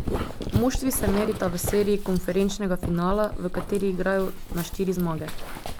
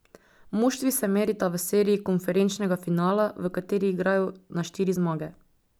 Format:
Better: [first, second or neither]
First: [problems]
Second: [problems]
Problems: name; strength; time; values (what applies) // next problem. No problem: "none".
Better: second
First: background sound (Dog + Writing); 4 dB below the speech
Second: none